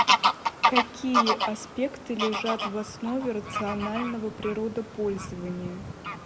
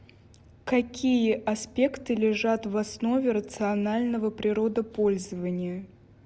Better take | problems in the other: second | background sound (Bird vocalization, bird call, bird song / Fowl); 2 dB above the speech

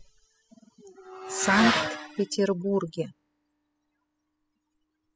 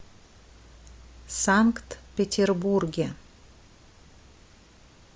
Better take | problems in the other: second | noise reduction (classical method spectral subtraction)

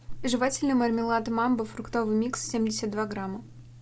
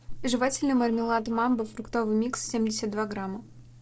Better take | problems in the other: first | noise reduction (neural separator model SepFormer DNS4)

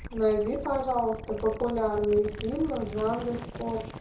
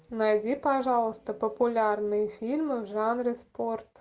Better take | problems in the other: second | background sound (Gurgling / Liquid); 12 dB below the speech // room echo; dies away in 0.5 s

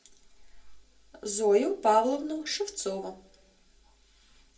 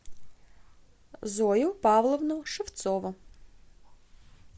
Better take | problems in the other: second | room echo; dies away in 0.2 s

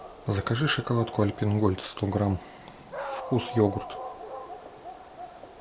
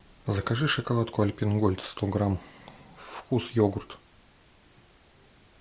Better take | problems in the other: second | background sound (Dog); 12 dB below the speech

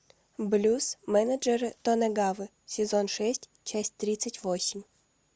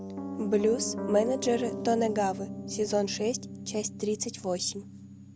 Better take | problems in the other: first | background sound (Piano); 8 dB below the speech

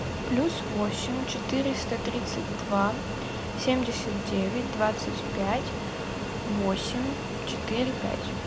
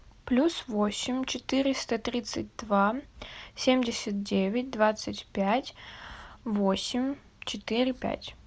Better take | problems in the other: second | background sound (Fixed-wing aircraft, airplane); 2 dB below the speech

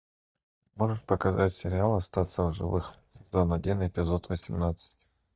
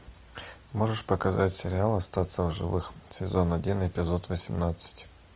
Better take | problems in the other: second | noise reduction (neural mask model DeepFilterNet 3)

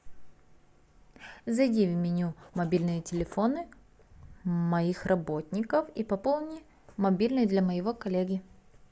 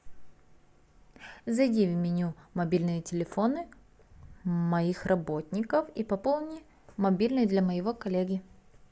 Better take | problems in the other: second | background sound (Zipper (clothing)); 19 dB below the speech

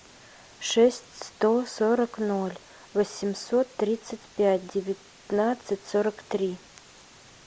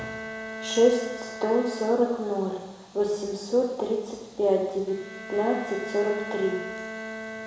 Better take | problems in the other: first | background sound (Bowed string instrument); 12 dB below the speech // room echo; dies away in 1 s

